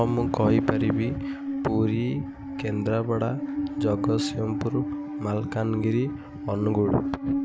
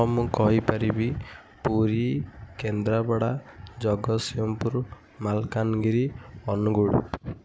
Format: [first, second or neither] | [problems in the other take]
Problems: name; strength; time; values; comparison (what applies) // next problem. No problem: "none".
second | background sound (Musical instrument); 4 dB below the speech